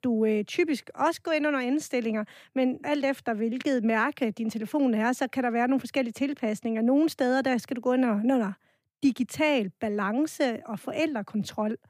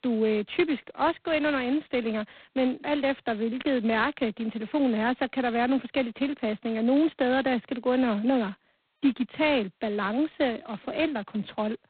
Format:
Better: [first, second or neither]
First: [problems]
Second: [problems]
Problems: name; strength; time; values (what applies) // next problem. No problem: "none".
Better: first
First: none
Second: phone-call audio; poor line; nothing above 4 kHz